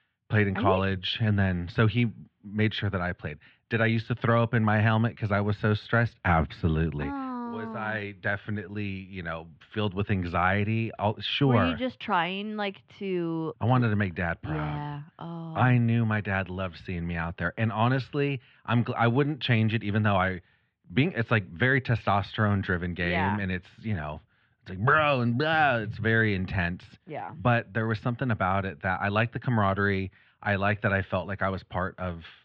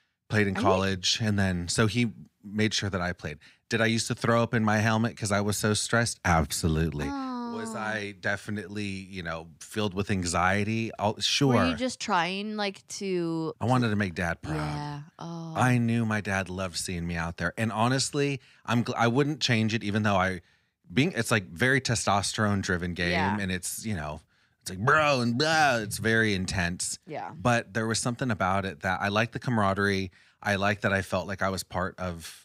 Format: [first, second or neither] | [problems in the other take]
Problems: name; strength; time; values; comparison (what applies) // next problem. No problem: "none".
second | muffled; very; fading above 3.5 kHz